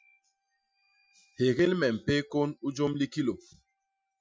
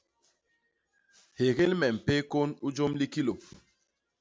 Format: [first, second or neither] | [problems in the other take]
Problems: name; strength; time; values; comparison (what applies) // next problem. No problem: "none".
second | noise reduction (classical method Wiener filter)